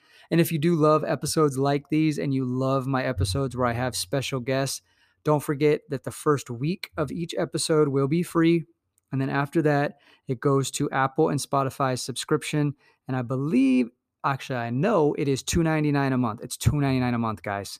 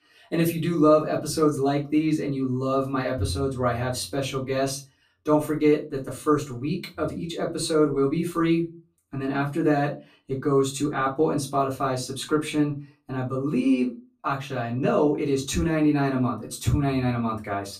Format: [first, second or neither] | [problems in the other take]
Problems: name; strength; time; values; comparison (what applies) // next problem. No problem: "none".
first | off-mic speech; far // room echo; very slight; dies away in 0.2 s